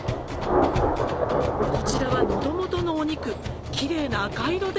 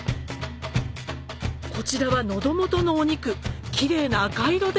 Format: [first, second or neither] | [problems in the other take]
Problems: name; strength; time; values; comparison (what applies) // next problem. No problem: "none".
second | background sound (Thunder / Rain); 2 dB above the speech